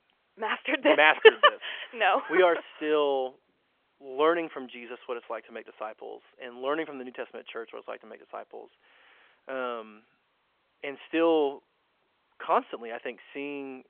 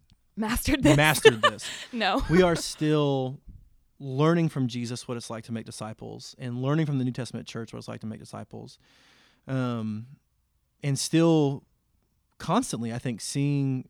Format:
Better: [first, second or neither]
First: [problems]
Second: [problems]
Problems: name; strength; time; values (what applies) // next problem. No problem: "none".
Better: second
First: phone-call audio; nothing above 3.5 kHz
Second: none